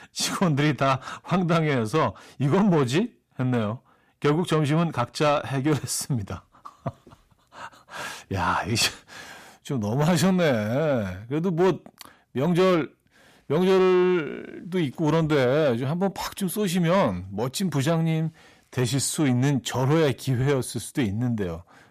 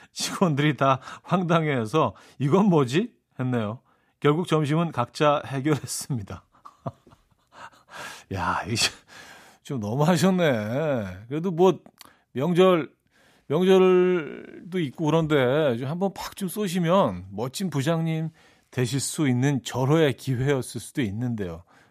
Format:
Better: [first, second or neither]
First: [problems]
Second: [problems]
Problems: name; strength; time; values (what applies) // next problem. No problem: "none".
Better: second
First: distortion; slight; 10 dB below the speech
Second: none